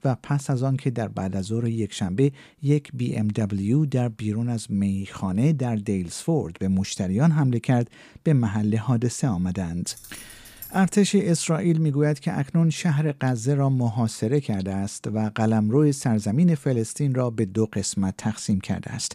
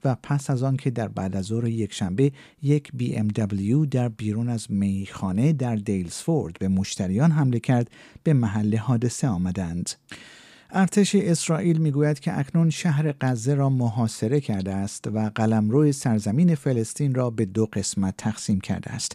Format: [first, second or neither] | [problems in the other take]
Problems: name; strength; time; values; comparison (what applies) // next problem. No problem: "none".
second | jangling keys; faint; from 10 to 11 s; peak 15 dB below the speech